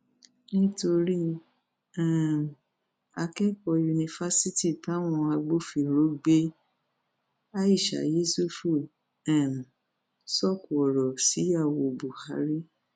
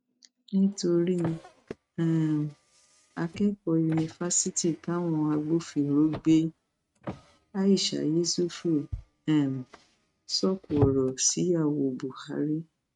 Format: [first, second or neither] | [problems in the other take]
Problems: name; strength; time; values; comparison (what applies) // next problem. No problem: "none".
first | noise reduction (neural mask model RNNoise)